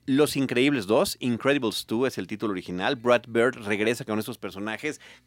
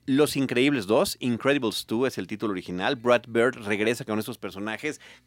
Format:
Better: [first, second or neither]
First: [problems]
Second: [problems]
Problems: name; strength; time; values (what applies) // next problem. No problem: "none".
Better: neither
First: none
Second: none